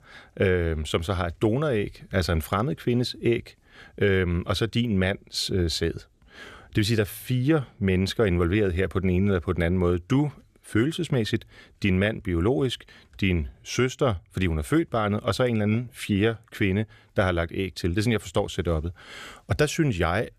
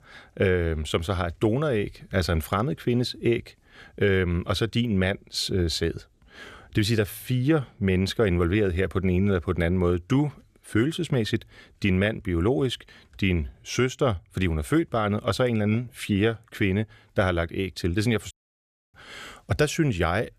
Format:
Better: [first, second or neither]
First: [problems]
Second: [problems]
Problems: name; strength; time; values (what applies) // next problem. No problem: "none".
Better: first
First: none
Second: audio cutting out; at 18 s for 0.5 s